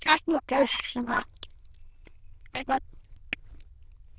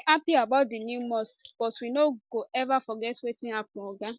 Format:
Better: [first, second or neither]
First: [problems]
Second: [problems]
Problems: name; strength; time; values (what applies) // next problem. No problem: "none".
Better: second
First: noise reduction (neural diffusion model UNIVERSE++)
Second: none